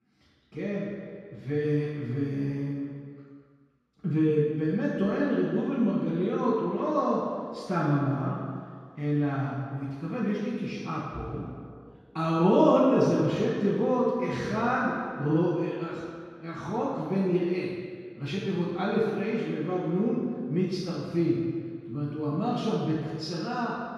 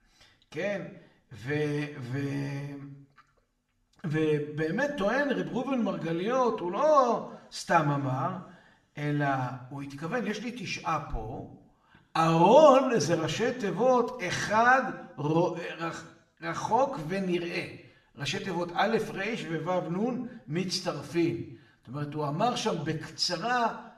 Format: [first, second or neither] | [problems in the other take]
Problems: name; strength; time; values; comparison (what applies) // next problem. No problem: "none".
second | room echo; strong; dies away in 2 s; slight in the second // off-mic speech; far; somewhat distant in the second